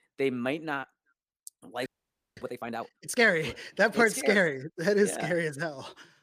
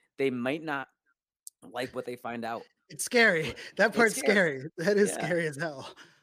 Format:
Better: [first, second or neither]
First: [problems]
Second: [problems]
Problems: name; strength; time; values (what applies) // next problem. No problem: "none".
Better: second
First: audio freezing; at 2 s for 0.5 s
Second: none